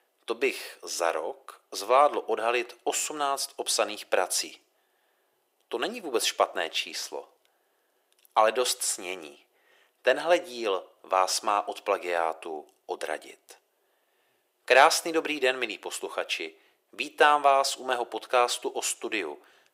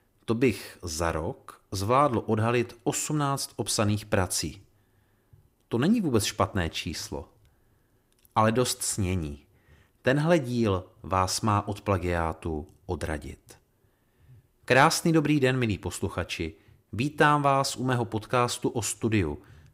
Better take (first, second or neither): second